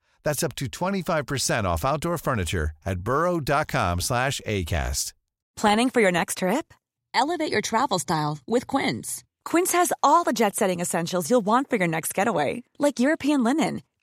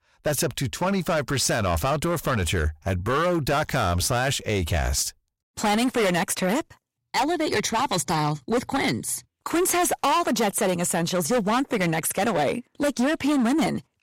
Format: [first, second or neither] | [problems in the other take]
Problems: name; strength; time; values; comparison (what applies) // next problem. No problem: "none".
first | distortion; heavy; 16% of the sound clipped